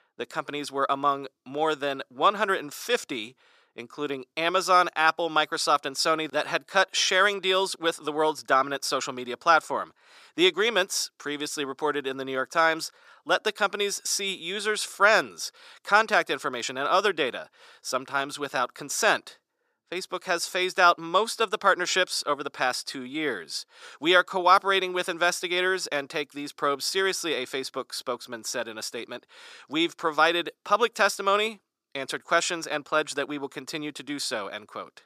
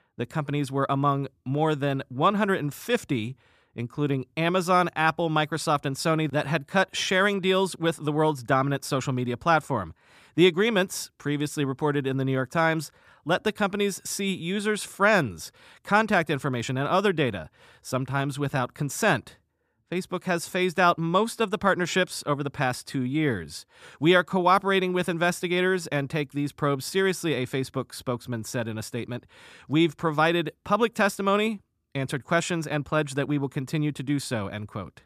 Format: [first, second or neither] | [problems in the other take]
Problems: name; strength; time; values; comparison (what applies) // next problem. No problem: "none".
second | thin; somewhat; fading below 450 Hz